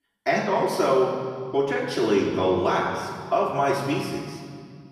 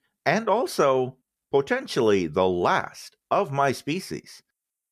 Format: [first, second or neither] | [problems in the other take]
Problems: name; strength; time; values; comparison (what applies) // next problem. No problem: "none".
second | room echo; noticeable; dies away in 1.8 s // off-mic speech; far